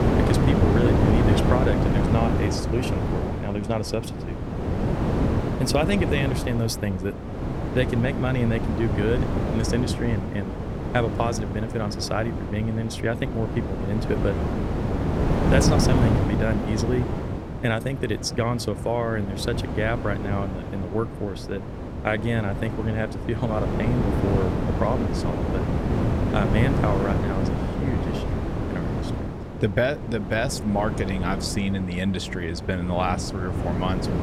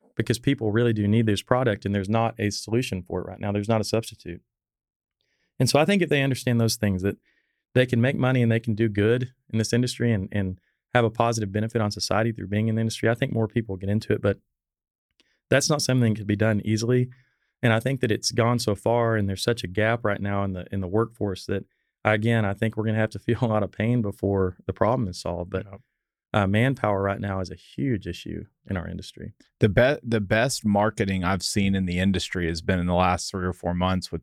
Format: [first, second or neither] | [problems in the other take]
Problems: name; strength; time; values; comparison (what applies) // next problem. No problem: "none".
second | wind noise on the microphone; heavy; 2 dB below the speech